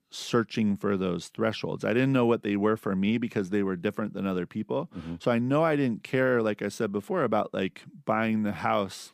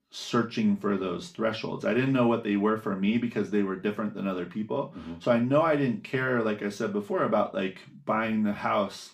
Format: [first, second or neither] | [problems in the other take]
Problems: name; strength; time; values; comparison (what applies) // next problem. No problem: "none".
first | room echo; very slight; dies away in 0.3 s // off-mic speech; somewhat distant